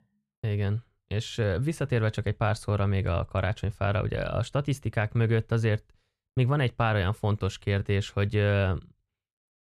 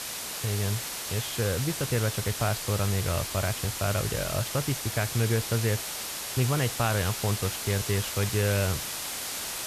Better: first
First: none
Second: hiss; loud; throughout; 3 dB below the speech

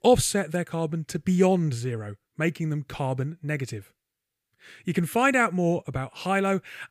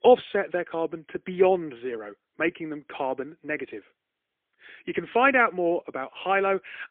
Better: first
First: none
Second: phone-call audio; poor line; nothing above 3.5 kHz

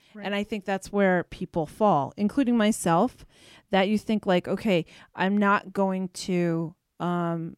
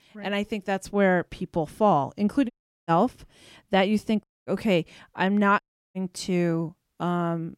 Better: first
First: none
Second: audio cutting out; at 2.5 s, at 4 s and at 5.5 s

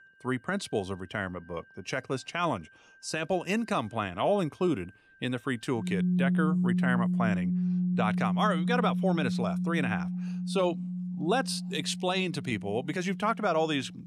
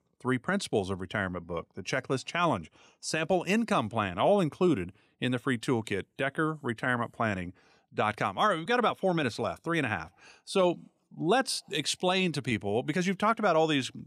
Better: second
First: background music; very loud; throughout; as loud as the speech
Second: none

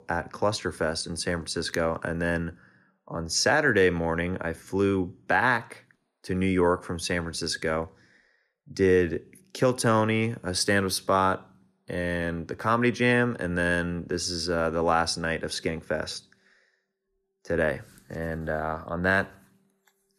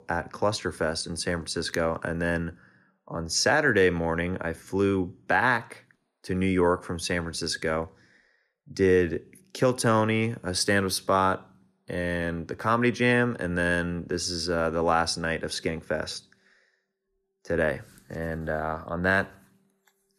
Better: neither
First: none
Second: none

